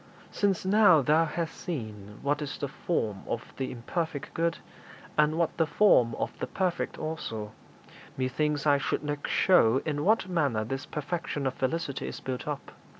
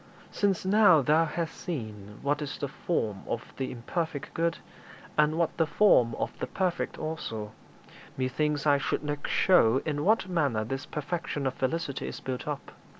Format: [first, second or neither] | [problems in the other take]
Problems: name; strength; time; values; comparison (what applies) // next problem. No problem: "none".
first | background sound (Chewing, mastication); 20 dB below the speech